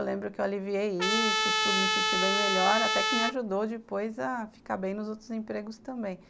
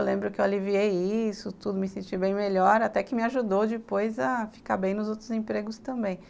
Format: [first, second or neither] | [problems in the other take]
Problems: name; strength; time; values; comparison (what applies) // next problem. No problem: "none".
second | background sound (Trumpet); 4 dB above the speech